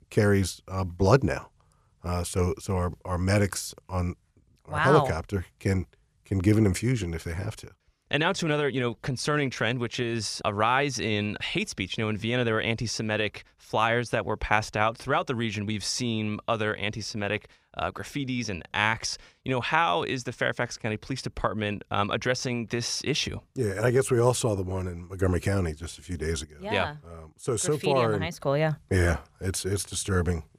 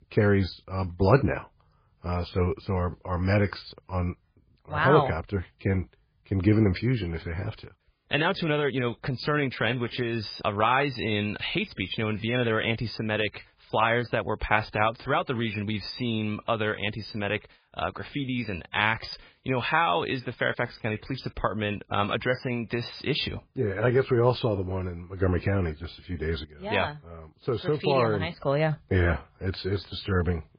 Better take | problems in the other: first | garbled, watery; badly; nothing above 5 kHz

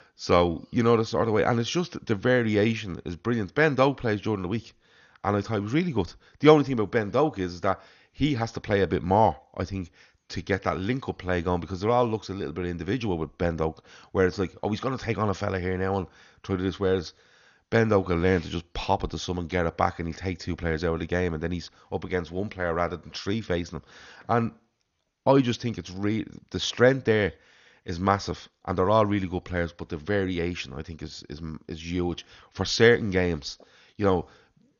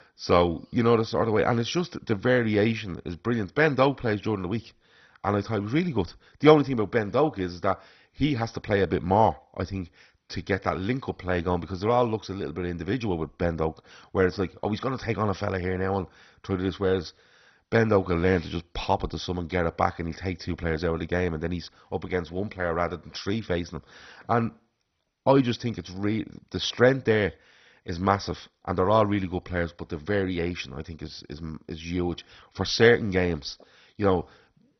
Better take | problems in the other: first | garbled, watery; badly; nothing above 6 kHz; slightly in the first

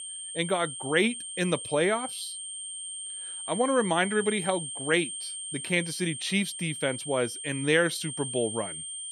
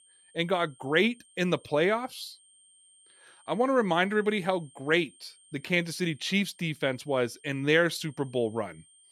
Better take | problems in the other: second | high-pitched whine; loud; throughout; 8.5 kHz, 6 dB below the speech; faint in the second

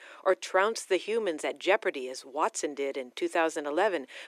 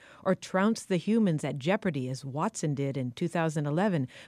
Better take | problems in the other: second | thin; very; fading below 350 Hz

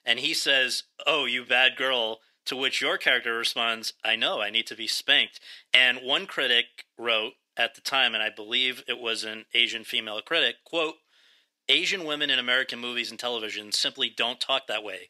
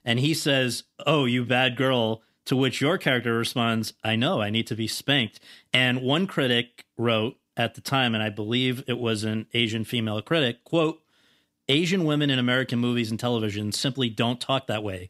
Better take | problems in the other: second | thin; very; fading below 550 Hz

